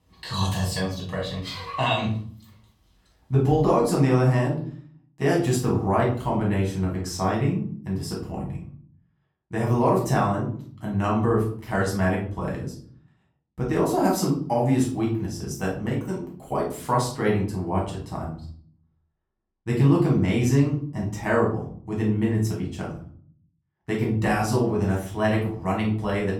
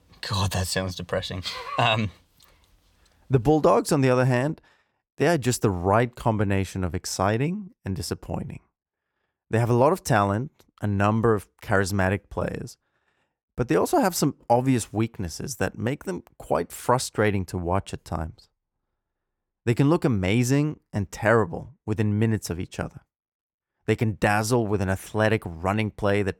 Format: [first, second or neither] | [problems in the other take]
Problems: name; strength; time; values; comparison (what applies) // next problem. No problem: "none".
second | off-mic speech; far // room echo; slight; dies away in 0.5 s